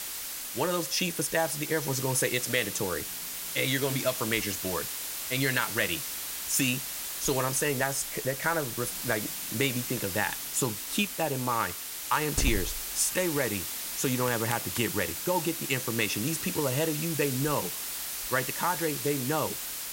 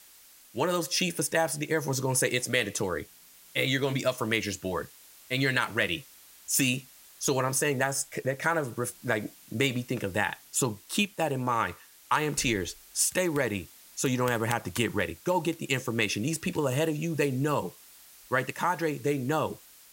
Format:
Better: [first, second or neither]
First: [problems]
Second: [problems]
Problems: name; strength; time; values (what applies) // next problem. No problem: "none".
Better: second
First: hiss; loud; throughout; 3 dB below the speech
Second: hiss; faint; throughout; 20 dB below the speech